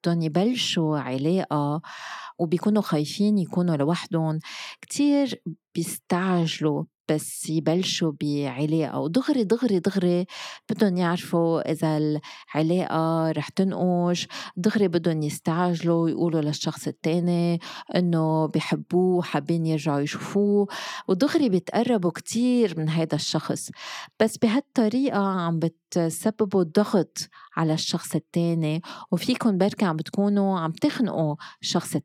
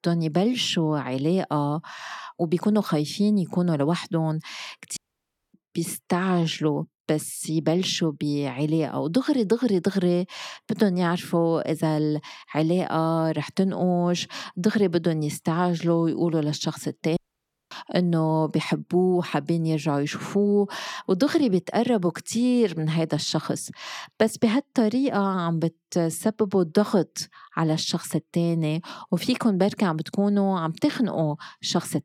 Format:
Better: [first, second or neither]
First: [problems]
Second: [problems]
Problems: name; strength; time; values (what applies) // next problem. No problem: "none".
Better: first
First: none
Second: audio cutting out; at 5 s for 0.5 s and at 17 s for 0.5 s